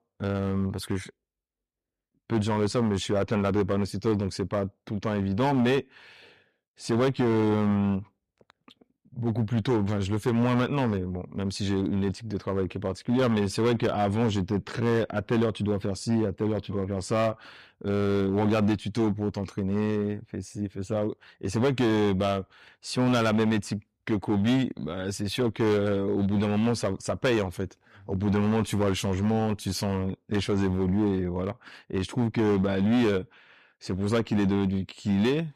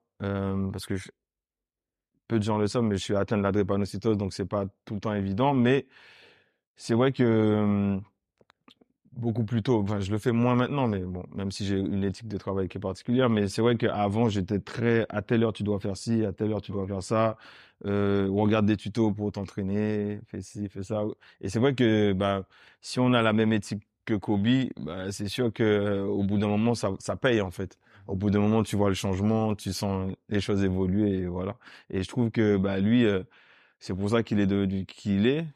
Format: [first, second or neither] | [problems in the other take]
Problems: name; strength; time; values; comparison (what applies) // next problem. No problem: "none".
second | distortion; slight; 7% of the sound clipped